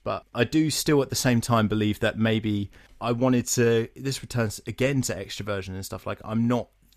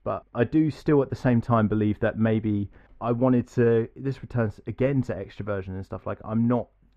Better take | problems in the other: first | muffled; very; fading above 3.5 kHz

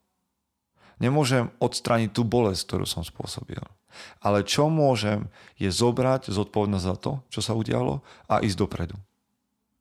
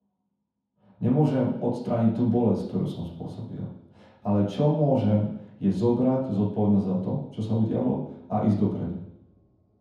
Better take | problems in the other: first | room echo; noticeable; dies away in 0.9 s // off-mic speech; far

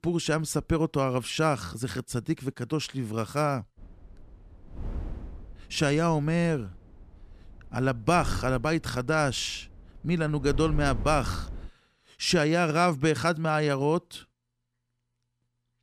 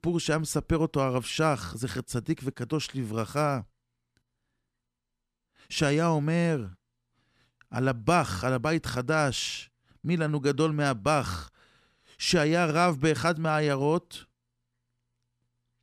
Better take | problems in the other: second | wind noise on the microphone; occasional gusts; from 4 to 12 s; 20 dB below the speech

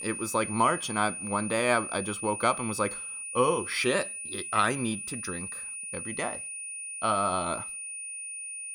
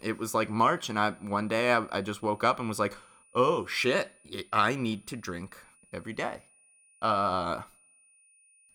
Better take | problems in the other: second | high-pitched whine; loud; throughout; 9.5 kHz, 6 dB below the speech; faint in the second

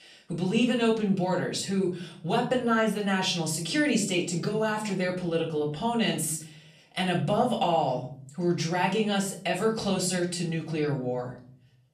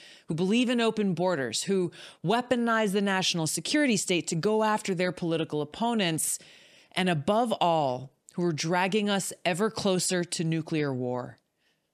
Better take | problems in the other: second | off-mic speech; far // room echo; slight; dies away in 0.5 s

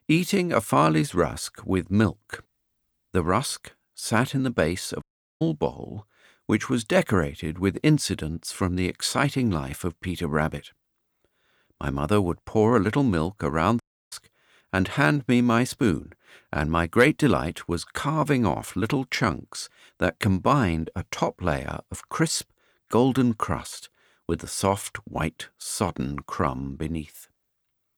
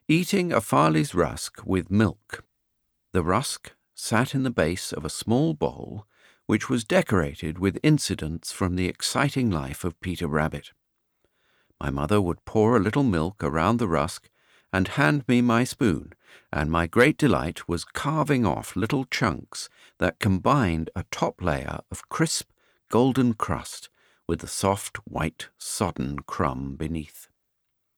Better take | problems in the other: second | audio cutting out; at 5 s and at 14 s

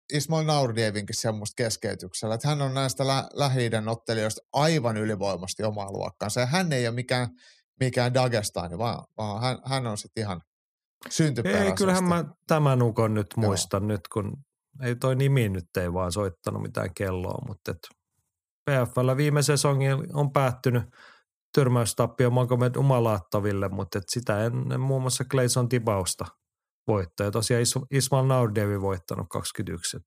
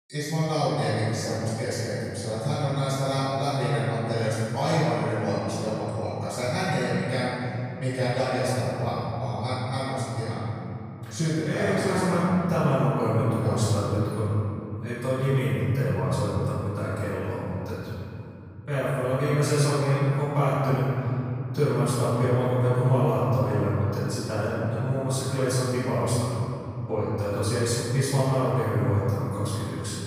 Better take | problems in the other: first | off-mic speech; far // room echo; strong; dies away in 3 s

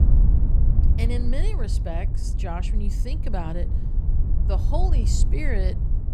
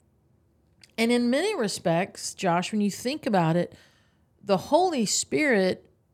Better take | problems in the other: second | wind noise on the microphone; heavy; 6 dB below the speech

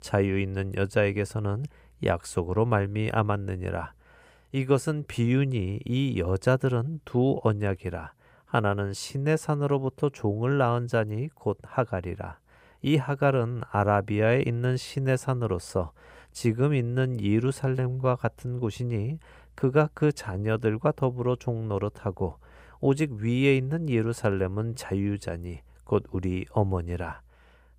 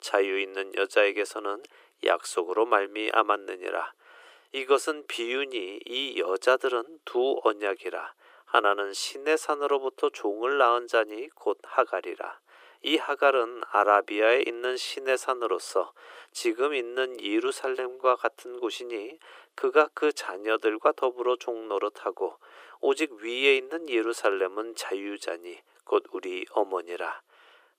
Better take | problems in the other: first | thin; very; fading below 350 Hz

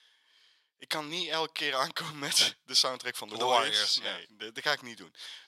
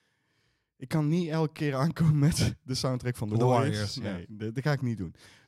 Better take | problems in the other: second | thin; very; fading below 800 Hz

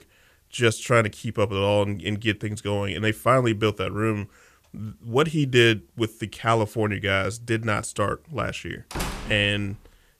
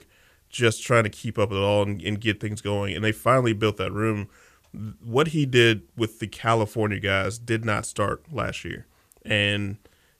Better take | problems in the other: second | door banging; noticeable; at 9 s; peak 7 dB below the speech

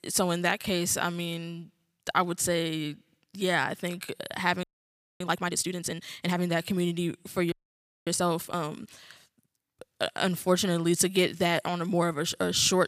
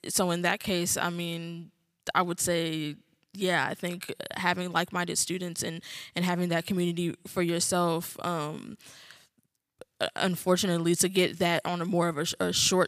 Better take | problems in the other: second | audio freezing; at 4.5 s for 0.5 s and at 7.5 s for 0.5 s

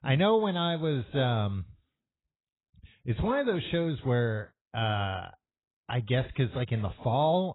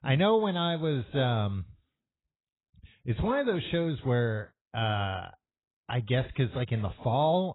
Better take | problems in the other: neither | garbled, watery; badly; nothing above 4 kHz; the same in both

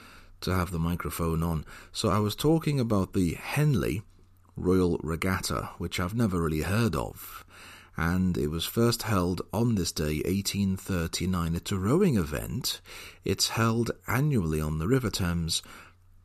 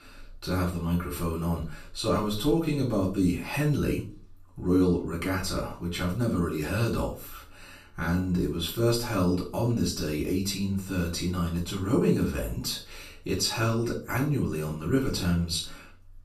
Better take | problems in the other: first | off-mic speech; far // room echo; slight; dies away in 0.3 s

